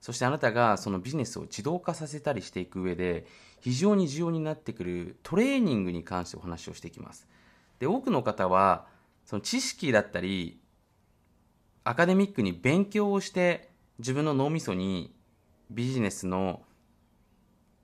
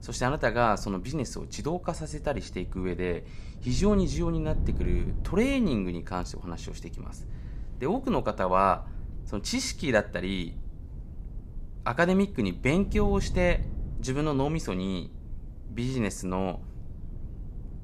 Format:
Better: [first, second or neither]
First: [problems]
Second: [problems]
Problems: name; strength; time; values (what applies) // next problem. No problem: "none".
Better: first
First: none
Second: wind noise on the microphone; occasional gusts; 20 dB below the speech